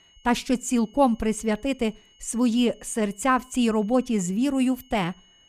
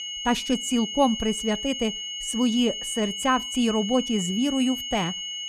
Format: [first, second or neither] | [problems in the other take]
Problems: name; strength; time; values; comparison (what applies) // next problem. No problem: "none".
first | high-pitched whine; loud; throughout; 3 kHz, 5 dB below the speech; faint in the first